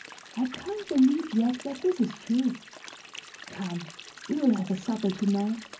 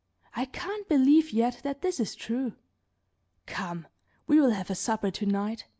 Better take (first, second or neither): second